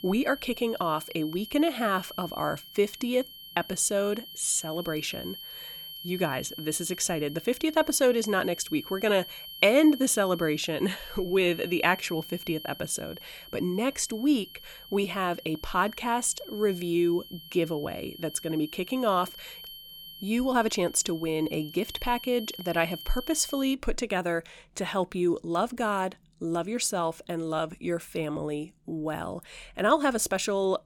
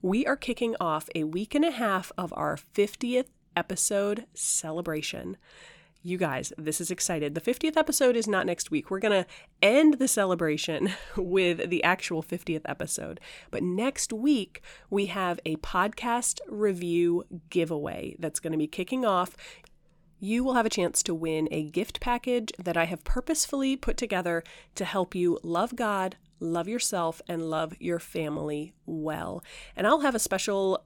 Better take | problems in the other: second | high-pitched whine; noticeable; until 24 s; 3 kHz, 15 dB below the speech

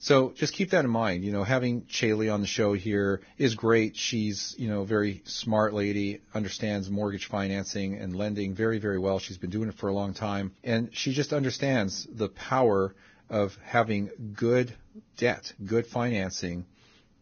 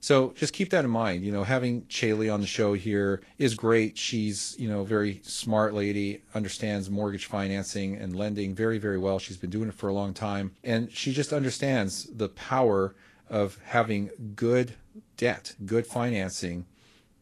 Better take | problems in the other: second | garbled, watery; badly; nothing above 6.5 kHz; slightly in the second

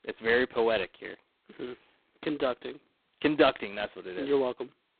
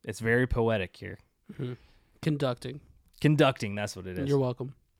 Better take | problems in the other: second | phone-call audio; poor line; nothing above 4 kHz

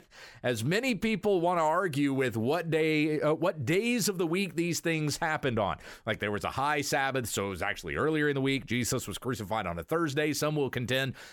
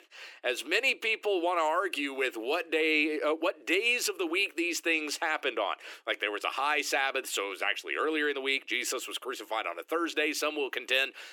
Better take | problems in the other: first | thin; somewhat; fading below 300 Hz

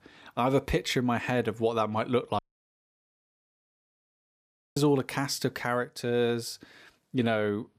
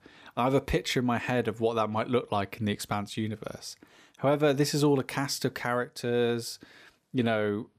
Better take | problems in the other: second | audio cutting out; at 2.5 s for 2.5 s

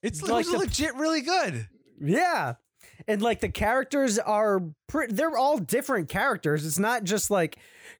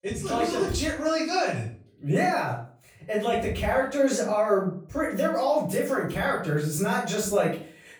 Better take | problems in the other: first | room echo; noticeable; dies away in 0.4 s // off-mic speech; far

